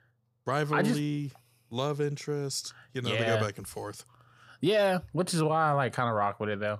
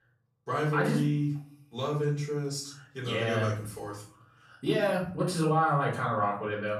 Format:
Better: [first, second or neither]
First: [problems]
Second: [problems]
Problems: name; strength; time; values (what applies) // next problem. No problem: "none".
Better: first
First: none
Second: room echo; slight; dies away in 0.4 s // off-mic speech; far